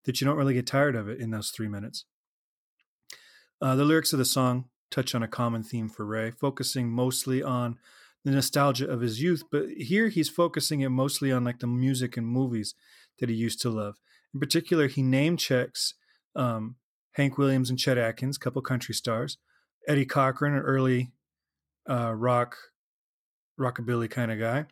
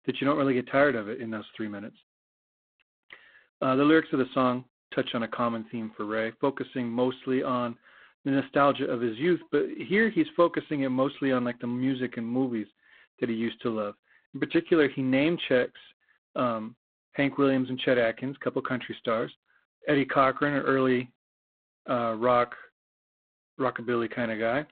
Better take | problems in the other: first | phone-call audio; poor line

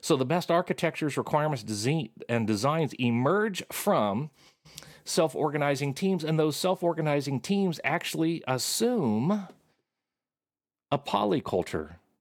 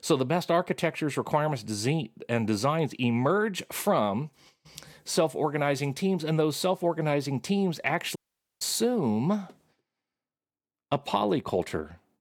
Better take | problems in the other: first | audio cutting out; at 8 s

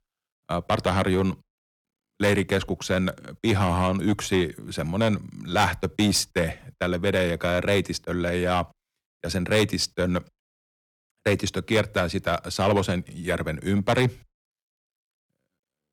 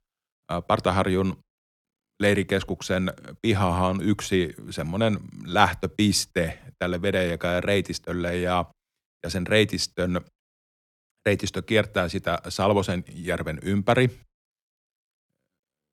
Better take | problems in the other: second | distortion; slight; 4% of the sound clipped

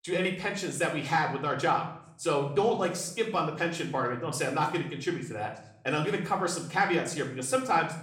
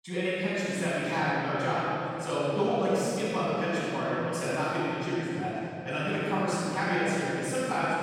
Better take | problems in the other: first | room echo; strong; dies away in 3 s; slight in the first // off-mic speech; far

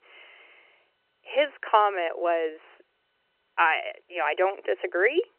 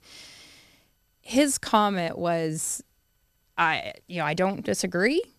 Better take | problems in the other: second | phone-call audio; nothing above 3 kHz

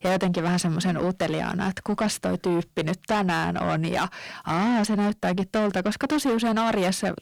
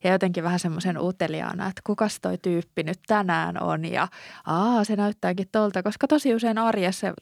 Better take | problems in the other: second | distortion; heavy; 7 dB below the speech

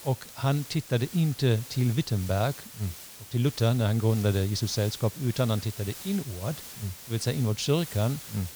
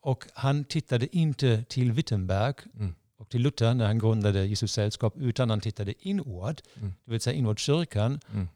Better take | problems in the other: second | hiss; noticeable; throughout; 10 dB below the speech

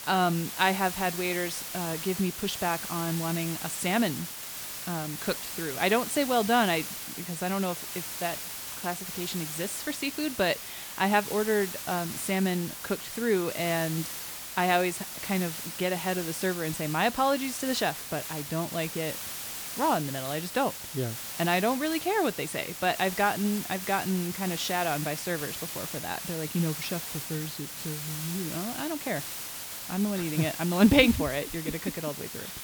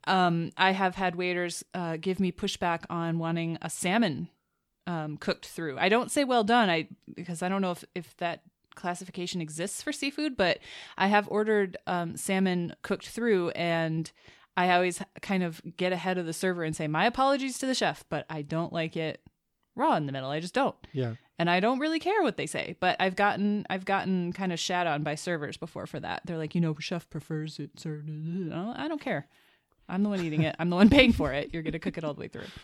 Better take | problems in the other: second | hiss; loud; throughout; 6 dB below the speech

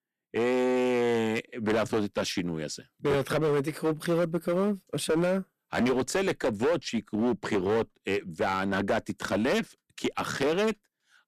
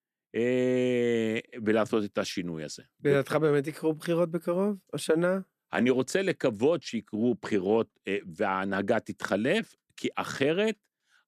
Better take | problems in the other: second | distortion; heavy; 13% of the sound clipped

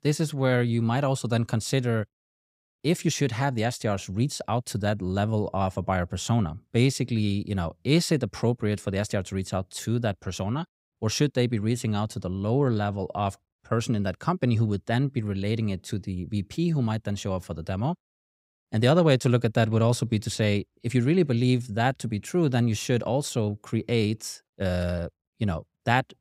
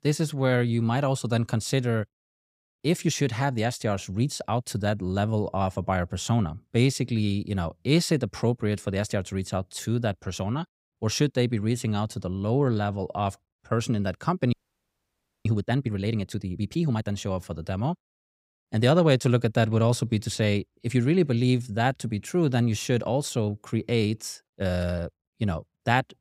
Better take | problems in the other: first | audio freezing; at 15 s for 1 s

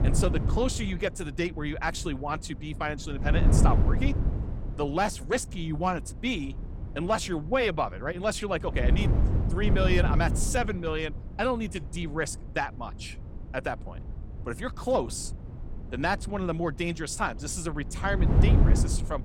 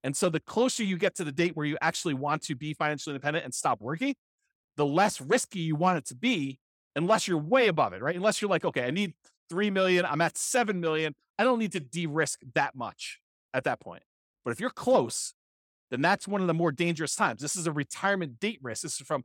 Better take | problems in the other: second | wind noise on the microphone; heavy; 9 dB below the speech

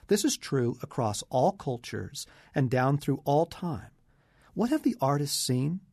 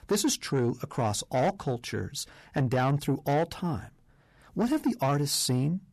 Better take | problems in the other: first | distortion; slight; 10 dB below the speech

